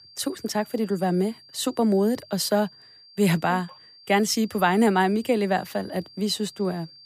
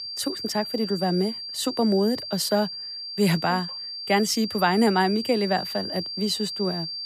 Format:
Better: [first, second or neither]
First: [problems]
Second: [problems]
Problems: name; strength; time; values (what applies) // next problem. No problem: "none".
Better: first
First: high-pitched whine; faint; throughout; 4.5 kHz, 25 dB below the speech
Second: high-pitched whine; loud; throughout; 4.5 kHz, 7 dB below the speech